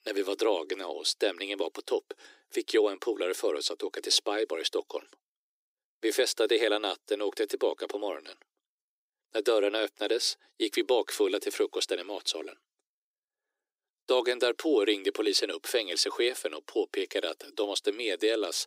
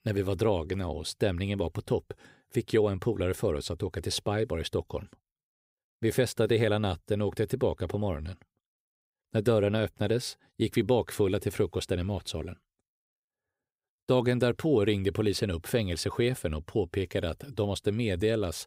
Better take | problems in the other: second | thin; very; fading below 300 Hz

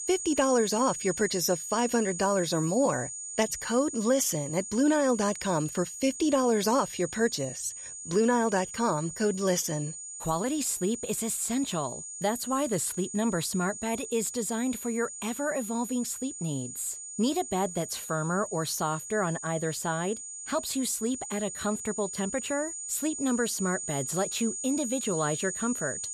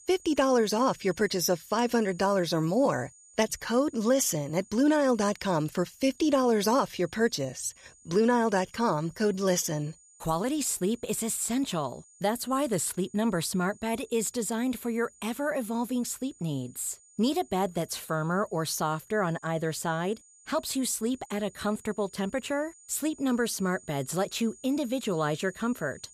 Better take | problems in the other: second | high-pitched whine; loud; throughout; 7 kHz, 7 dB below the speech; faint in the second

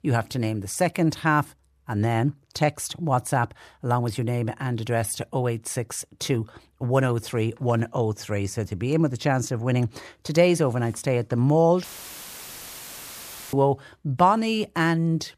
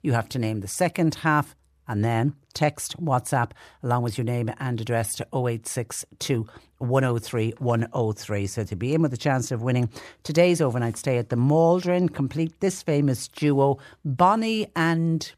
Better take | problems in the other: second | audio cutting out; filled with static; at 12 s for 1.5 s

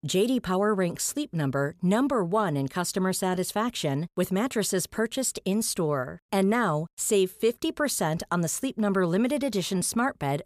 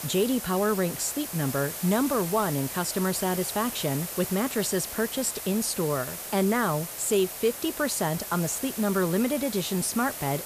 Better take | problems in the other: first | hiss; loud; throughout; 7 dB below the speech

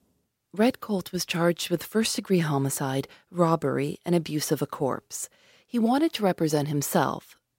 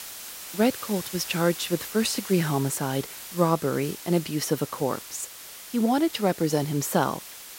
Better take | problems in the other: first | hiss; noticeable; throughout; 10 dB below the speech

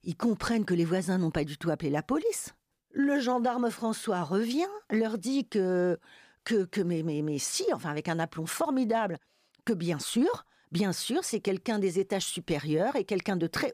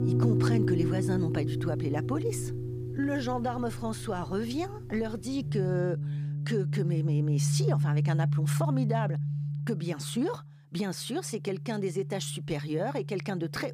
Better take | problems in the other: first | background music; very loud; throughout; 2 dB above the speech

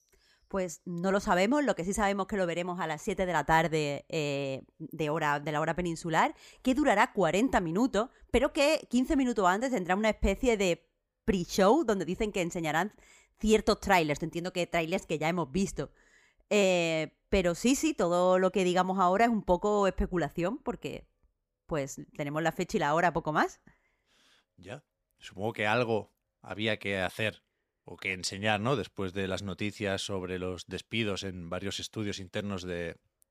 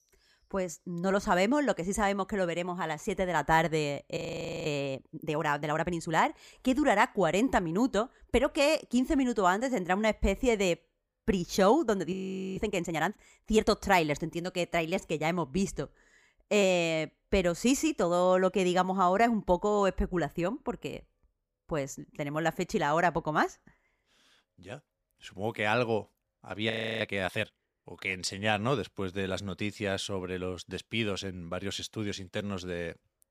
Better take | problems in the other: first | audio freezing; at 4 s, at 12 s and at 27 s

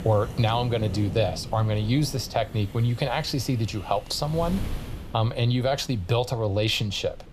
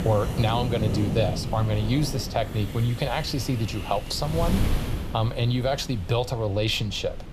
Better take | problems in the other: first | wind noise on the microphone; heavy; 9 dB below the speech; occasional gusts in the first

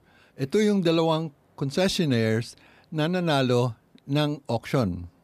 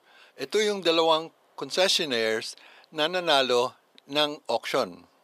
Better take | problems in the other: first | thin; very; fading below 550 Hz

